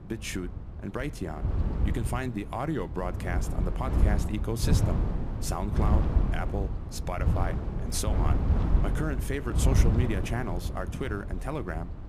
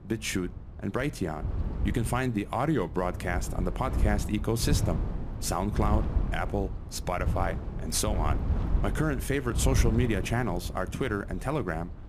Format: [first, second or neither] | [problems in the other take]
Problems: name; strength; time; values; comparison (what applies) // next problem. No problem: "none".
second | wind noise on the microphone; heavy; 5 dB below the speech; occasional gusts in the second